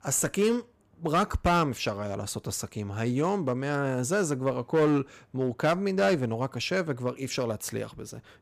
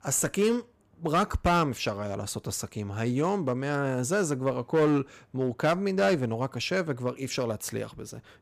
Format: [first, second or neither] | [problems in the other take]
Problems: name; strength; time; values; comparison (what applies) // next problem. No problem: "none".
neither | distortion; slight; 4% of the sound clipped; the same in both